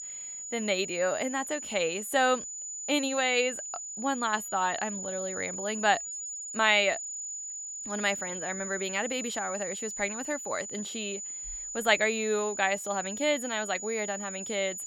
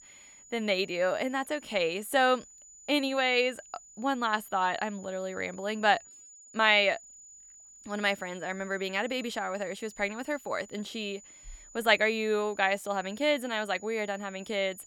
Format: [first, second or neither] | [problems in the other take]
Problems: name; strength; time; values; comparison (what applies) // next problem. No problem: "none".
second | high-pitched whine; loud; throughout; 7 kHz, 6 dB below the speech; faint in the second